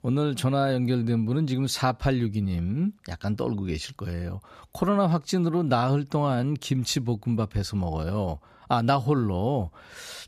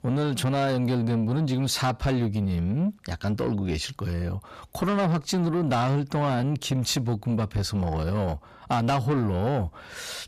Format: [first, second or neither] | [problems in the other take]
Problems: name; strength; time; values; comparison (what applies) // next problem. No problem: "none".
first | distortion; slight; 10 dB below the speech